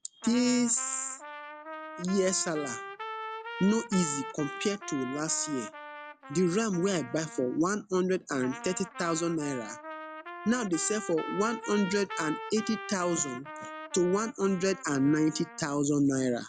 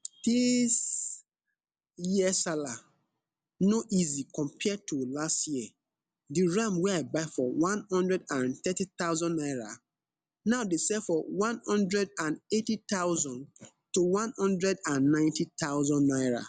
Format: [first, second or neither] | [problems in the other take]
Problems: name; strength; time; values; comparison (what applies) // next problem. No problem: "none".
second | background sound (Trumpet); 12 dB below the speech